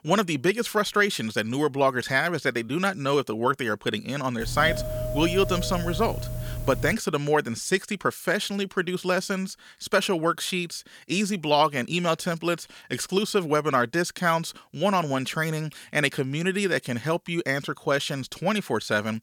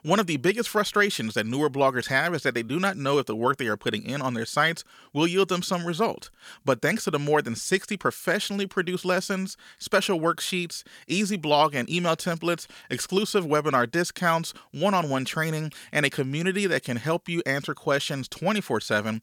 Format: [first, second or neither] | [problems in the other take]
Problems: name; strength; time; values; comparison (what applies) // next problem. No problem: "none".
second | doorbell; noticeable; from 4.5 to 7 s; peak 4 dB below the speech